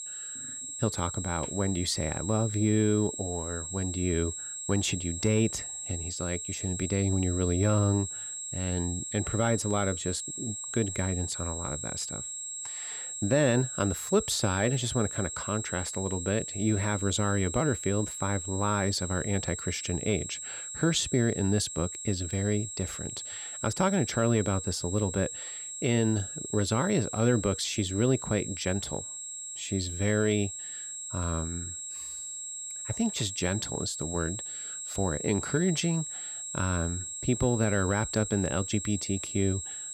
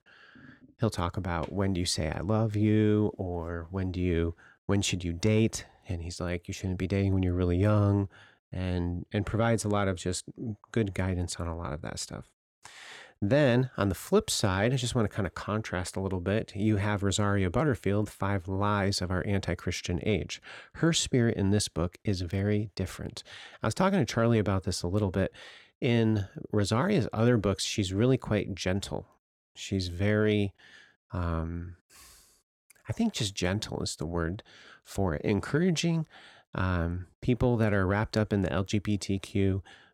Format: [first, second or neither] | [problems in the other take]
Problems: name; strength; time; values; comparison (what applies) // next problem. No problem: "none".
second | high-pitched whine; loud; throughout; 7.5 kHz, 6 dB below the speech